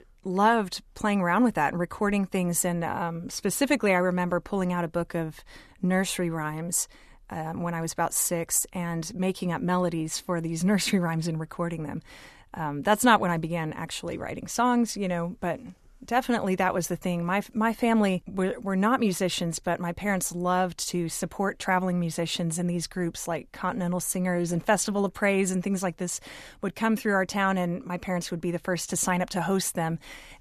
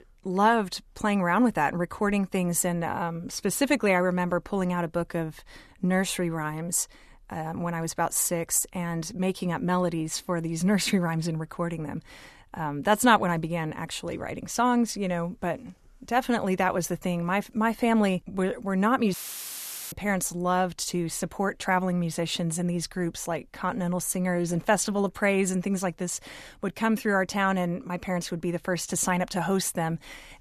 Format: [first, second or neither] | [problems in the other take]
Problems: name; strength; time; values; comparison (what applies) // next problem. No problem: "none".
first | audio cutting out; filled with static; at 19 s for 1 s